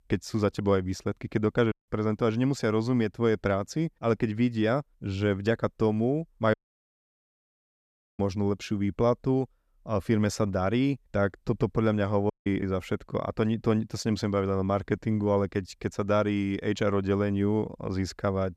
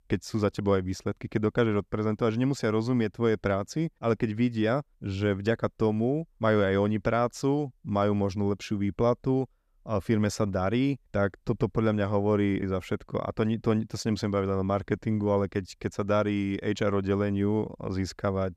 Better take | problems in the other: second | audio cutting out; at 1.5 s, at 6.5 s for 1.5 s and at 12 s

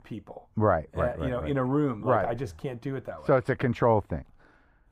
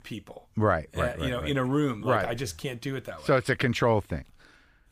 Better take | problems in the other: second | muffled; very; fading above 2 kHz

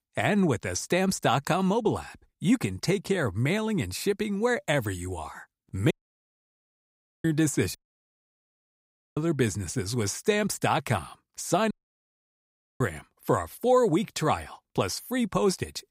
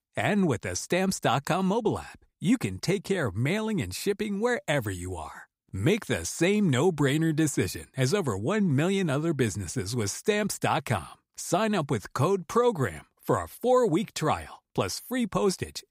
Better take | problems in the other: second | audio cutting out; at 6 s for 1.5 s, at 8 s for 1.5 s and at 12 s for 1 s

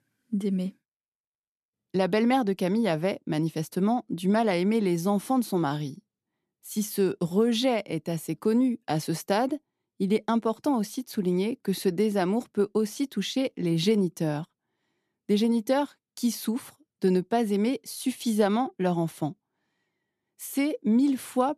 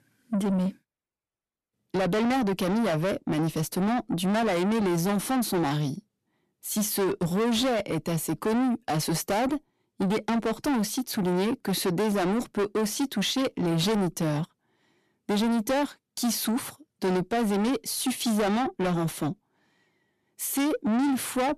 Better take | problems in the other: first | distortion; heavy; 6 dB below the speech

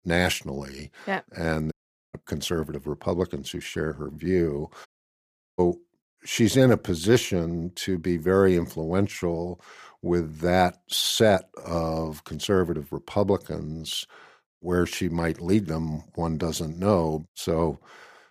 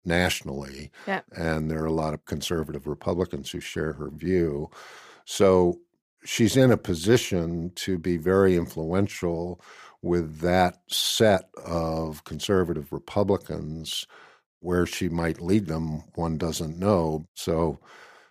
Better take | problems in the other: second | audio cutting out; at 1.5 s and at 5 s for 0.5 s

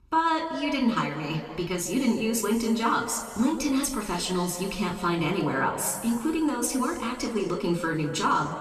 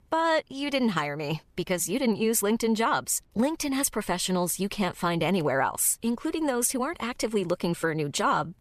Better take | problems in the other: second | room echo; slight; dies away in 2.1 s // off-mic speech; somewhat distant

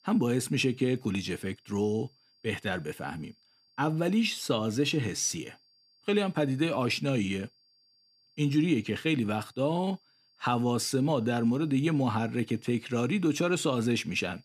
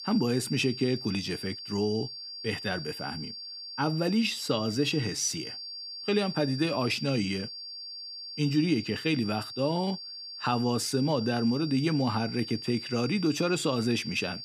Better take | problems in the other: first | high-pitched whine; loud; throughout; 4.5 kHz, 9 dB below the speech; faint in the first

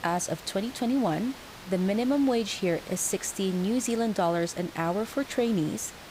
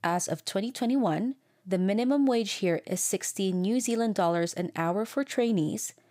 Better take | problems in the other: second | hiss; noticeable; throughout; 15 dB below the speech

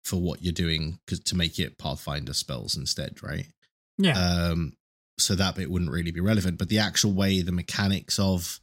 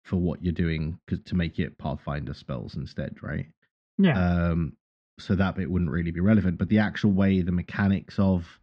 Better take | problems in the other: first | muffled; very; fading above 2 kHz

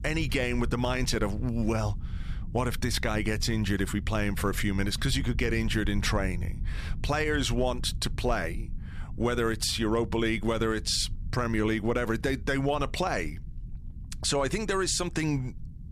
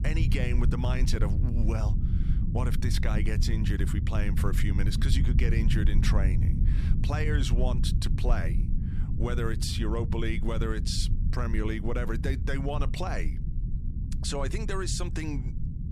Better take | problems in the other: first | low rumble; loud; throughout; 8 dB below the speech; faint in the first

